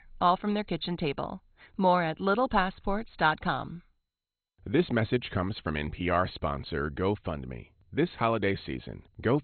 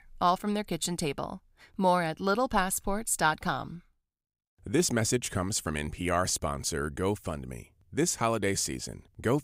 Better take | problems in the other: second | garbled, watery; badly; nothing above 4 kHz

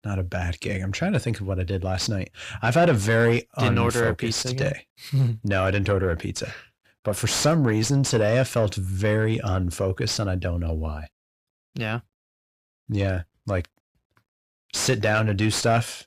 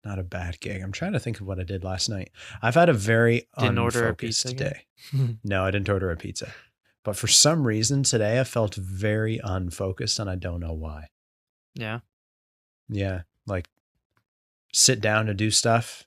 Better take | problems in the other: second | distortion; heavy; 7 dB below the speech

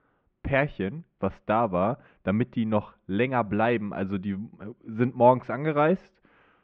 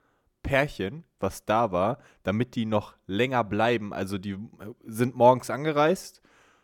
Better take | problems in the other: second | muffled; very; fading above 3 kHz

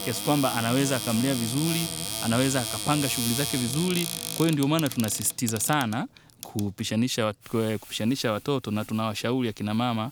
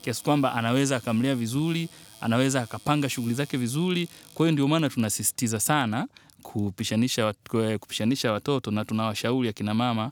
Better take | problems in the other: second | household noises; loud; throughout; 4 dB below the speech; faint in the second

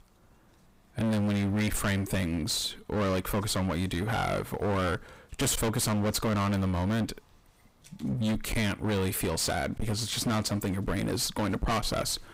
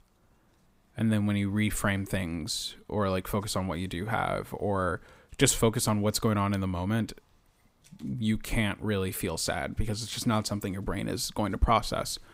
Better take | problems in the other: second | distortion; heavy; 24% of the sound clipped

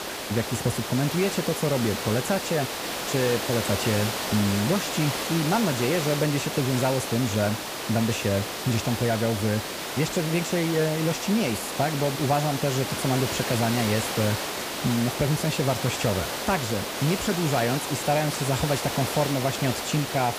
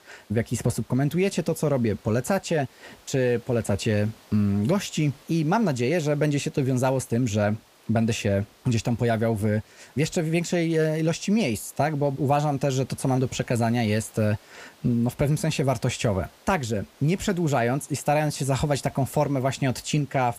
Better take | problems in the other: second | hiss; loud; throughout; 3 dB below the speech; faint in the second

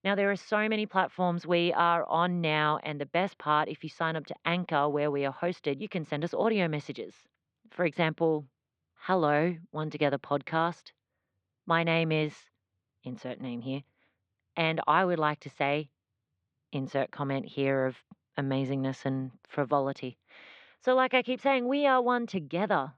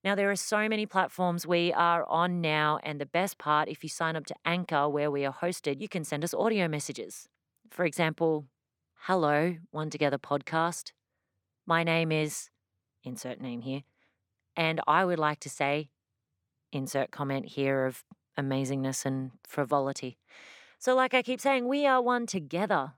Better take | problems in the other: second | muffled; slightly; fading above 3.5 kHz

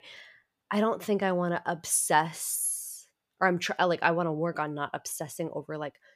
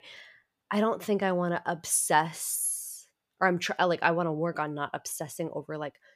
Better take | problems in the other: neither | none

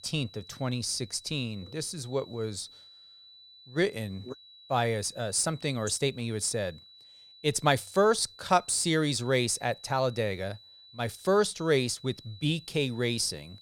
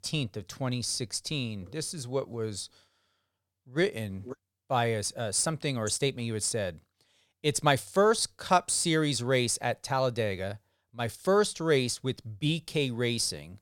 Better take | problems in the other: second | high-pitched whine; faint; throughout; 4 kHz, 20 dB below the speech

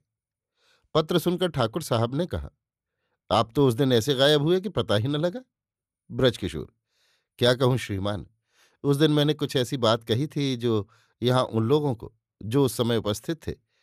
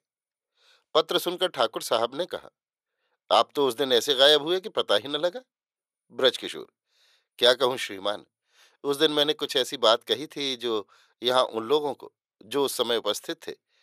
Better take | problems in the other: first | thin; very; fading below 550 Hz

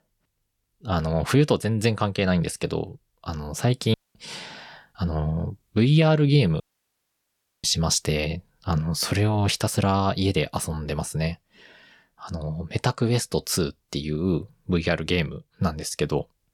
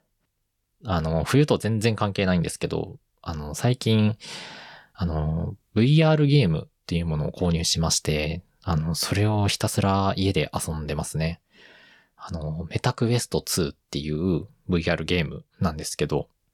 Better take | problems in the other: second | audio cutting out; at 4 s and at 6.5 s for 1 s

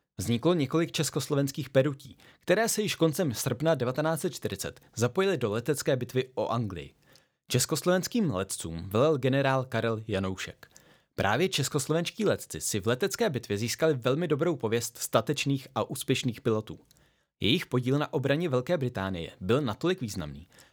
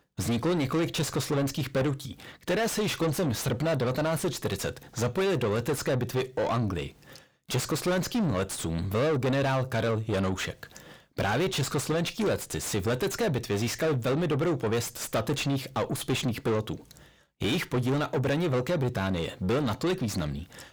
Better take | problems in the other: first | distortion; heavy; 6 dB below the speech

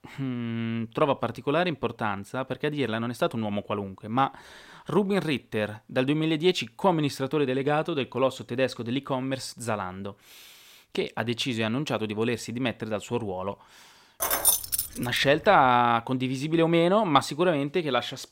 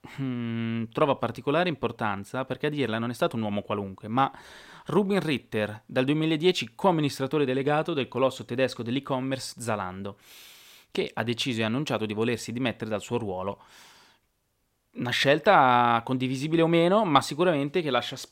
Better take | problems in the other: second | jangling keys; loud; at 14 s; peak 5 dB above the speech

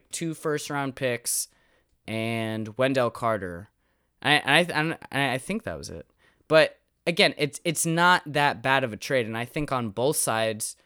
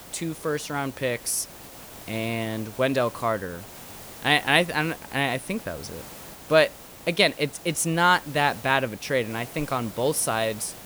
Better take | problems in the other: first | hiss; noticeable; throughout; 15 dB below the speech

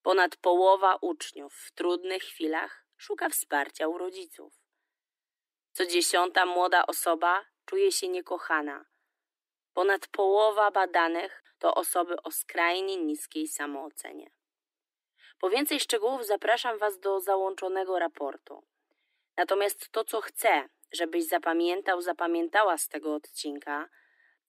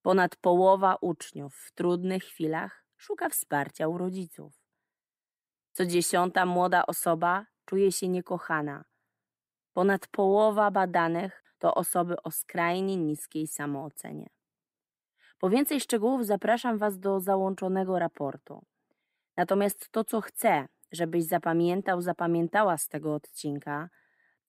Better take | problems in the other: second | thin; somewhat; fading below 300 Hz

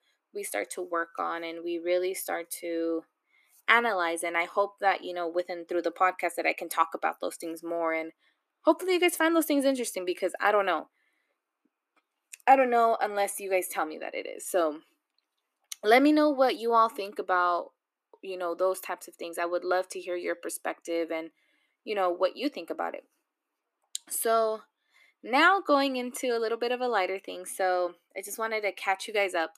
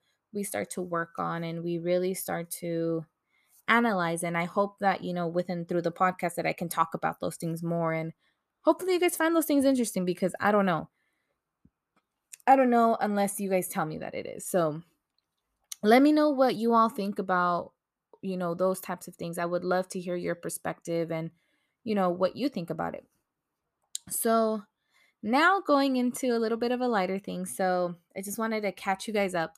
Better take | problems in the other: second | thin; very slightly; fading below 300 Hz

